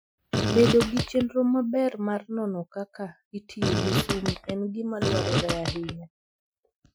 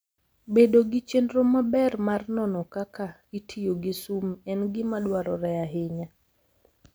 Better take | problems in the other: second | noise reduction (classical method Wiener filter)

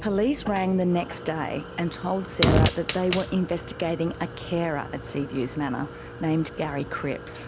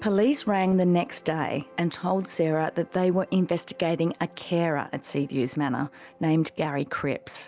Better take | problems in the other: second | background sound (Fire); 4 dB below the speech

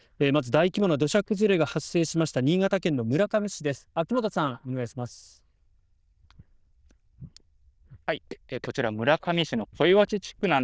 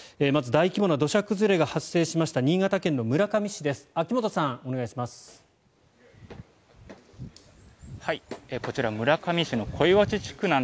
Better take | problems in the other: second | noise reduction (neural diffusion model UNIVERSE++)

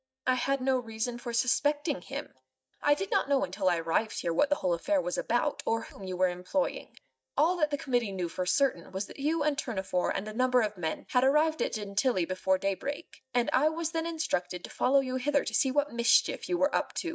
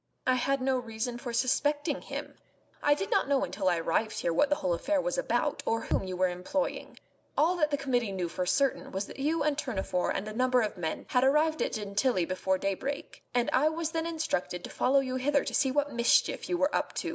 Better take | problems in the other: second | noise reduction (neural mask model DeepFilterNet 3)

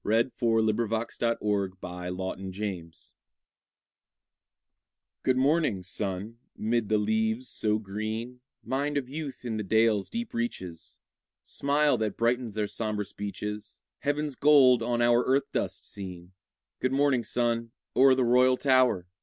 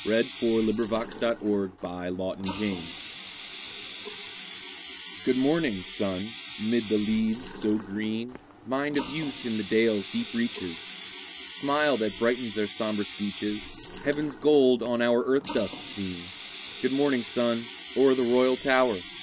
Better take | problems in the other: first | background sound (Water tap, faucet); 13 dB below the speech

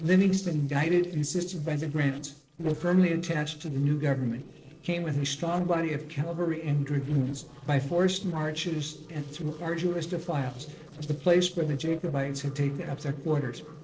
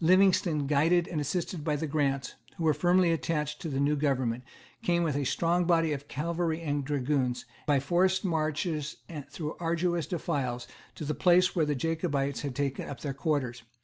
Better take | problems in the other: second | noise reduction (neural separator model SepFormer DNS4)

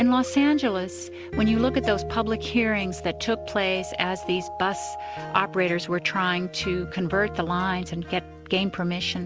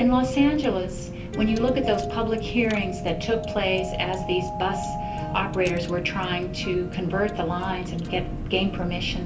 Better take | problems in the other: first | background sound (Car); 8 dB below the speech // room echo; dies away in 0.3 s

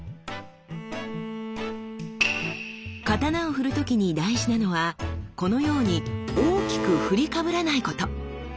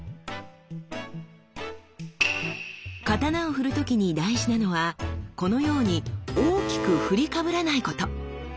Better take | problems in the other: second | background sound (Bowed string instrument); 13 dB below the speech

